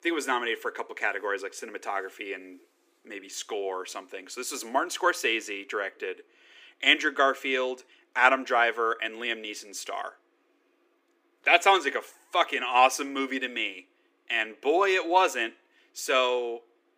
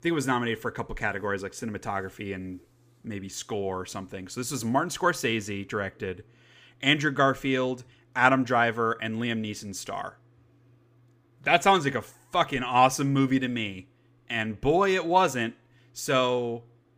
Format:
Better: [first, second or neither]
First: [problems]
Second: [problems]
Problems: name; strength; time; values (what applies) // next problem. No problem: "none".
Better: second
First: thin; somewhat; fading below 300 Hz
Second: none